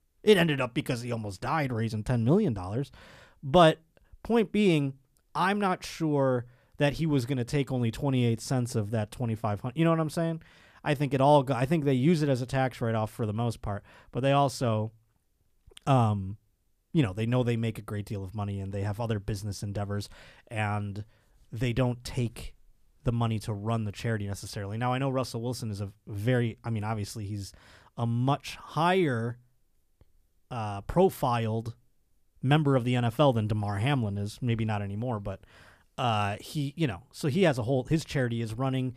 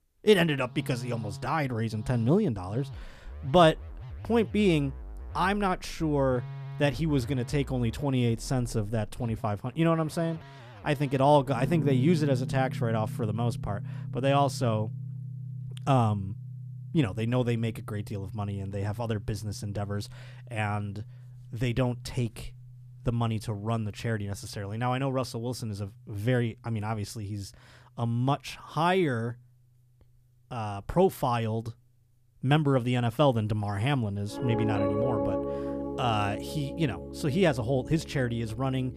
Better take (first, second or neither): first